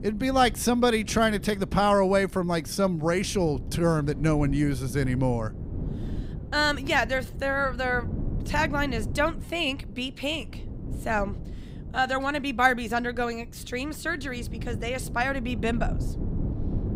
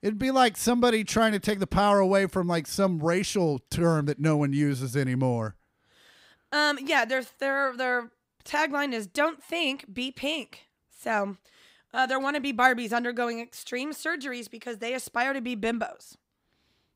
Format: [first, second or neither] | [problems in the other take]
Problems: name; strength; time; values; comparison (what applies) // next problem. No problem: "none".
second | wind noise on the microphone; occasional gusts; 20 dB below the speech